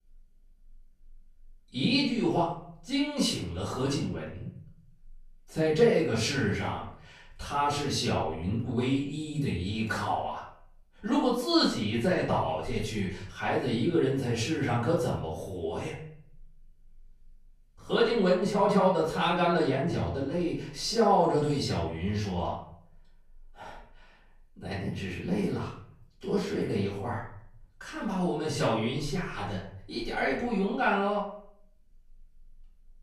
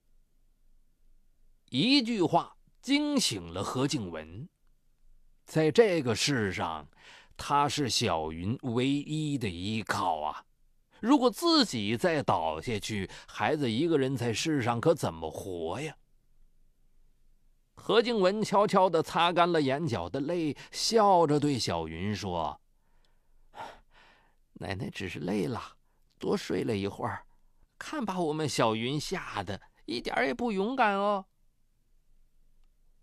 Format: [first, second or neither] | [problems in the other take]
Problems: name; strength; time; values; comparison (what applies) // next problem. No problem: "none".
second | room echo; noticeable; dies away in 0.6 s // off-mic speech; far